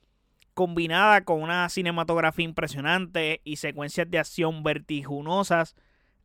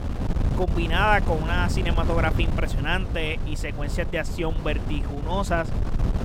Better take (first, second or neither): first